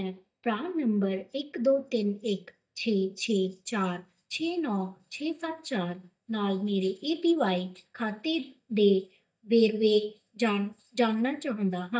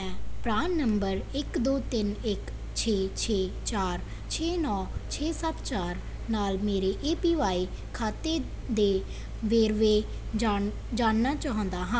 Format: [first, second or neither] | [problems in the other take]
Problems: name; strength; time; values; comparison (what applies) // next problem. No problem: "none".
second | noise reduction (neural mask model DeepFilterNet 3)